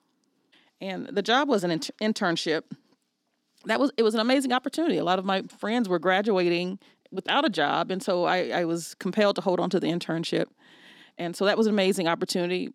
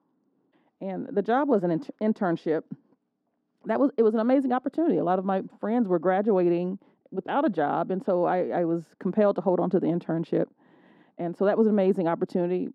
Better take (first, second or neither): first